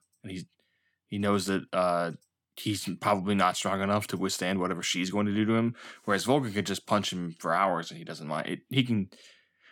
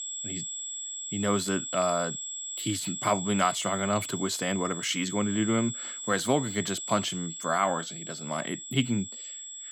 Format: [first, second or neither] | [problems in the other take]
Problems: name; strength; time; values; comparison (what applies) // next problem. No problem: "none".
first | high-pitched whine; loud; throughout; 7.5 kHz, 6 dB below the speech